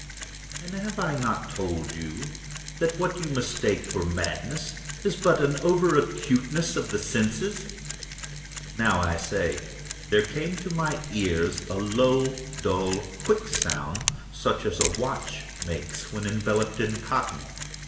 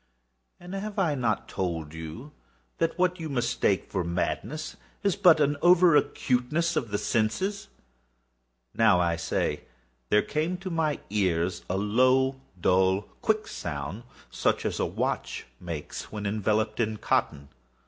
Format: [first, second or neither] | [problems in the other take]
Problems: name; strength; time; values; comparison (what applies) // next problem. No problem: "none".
second | background sound (Mechanisms); 8 dB below the speech // room echo; dies away in 0.9 s